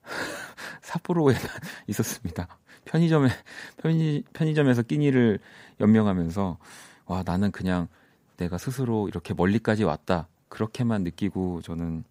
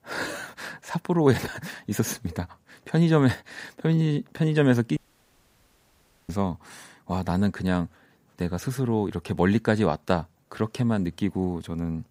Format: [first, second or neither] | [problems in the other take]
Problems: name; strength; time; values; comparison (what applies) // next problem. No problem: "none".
first | audio cutting out; at 5 s for 1.5 s